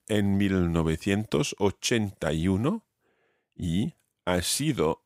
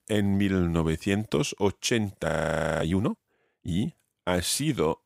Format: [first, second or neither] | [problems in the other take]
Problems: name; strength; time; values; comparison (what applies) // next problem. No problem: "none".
first | audio freezing; at 2.5 s for 0.5 s